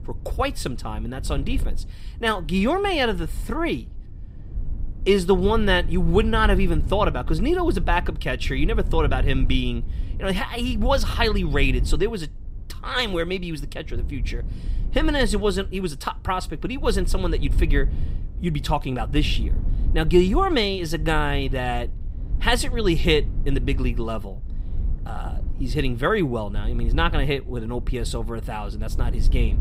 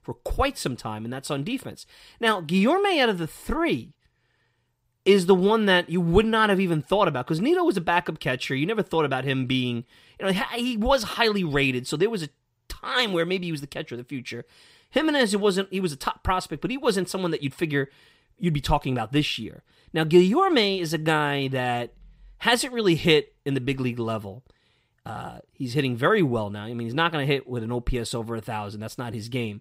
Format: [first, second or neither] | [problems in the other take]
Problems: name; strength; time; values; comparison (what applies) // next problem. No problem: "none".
second | low rumble; faint; throughout; 20 dB below the speech